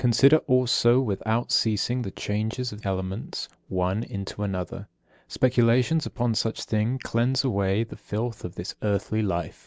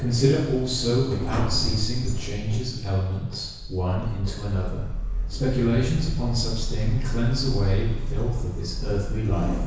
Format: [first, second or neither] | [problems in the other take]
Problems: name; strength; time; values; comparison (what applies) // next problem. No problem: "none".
first | background sound (Sliding door); 2 dB below the speech // room echo; dies away in 1.1 s